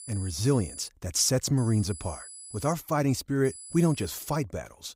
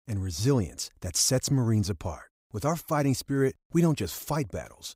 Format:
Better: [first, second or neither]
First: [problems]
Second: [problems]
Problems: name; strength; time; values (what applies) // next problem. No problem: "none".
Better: second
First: high-pitched whine; noticeable; at the start, from 1.5 to 2.5 s and at 3.5 s; 10 kHz, 15 dB below the speech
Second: none